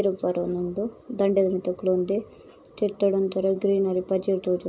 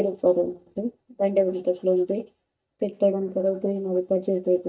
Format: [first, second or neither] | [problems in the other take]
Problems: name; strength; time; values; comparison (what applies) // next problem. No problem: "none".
first | noise reduction (neural mask model DeepFilterNet 3)